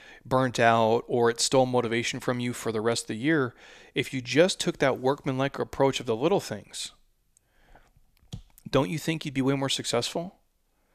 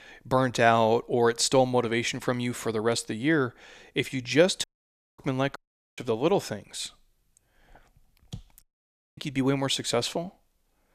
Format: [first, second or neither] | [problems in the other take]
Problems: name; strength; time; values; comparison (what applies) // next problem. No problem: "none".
first | audio cutting out; at 4.5 s for 0.5 s, at 5.5 s and at 8.5 s for 0.5 s